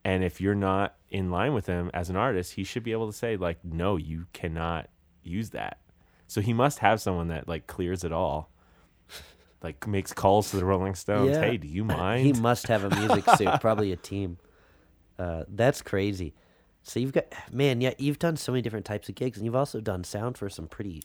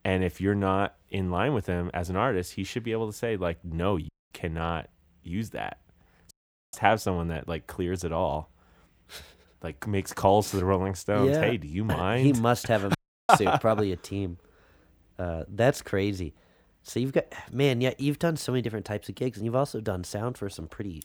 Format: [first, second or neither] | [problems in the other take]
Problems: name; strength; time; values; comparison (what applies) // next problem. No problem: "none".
first | audio cutting out; at 4 s, at 6.5 s and at 13 s